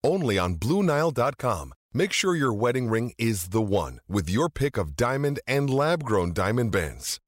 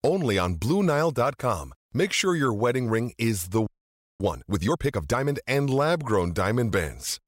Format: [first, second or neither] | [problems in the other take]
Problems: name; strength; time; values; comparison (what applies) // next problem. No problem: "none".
first | audio freezing; at 3.5 s for 0.5 s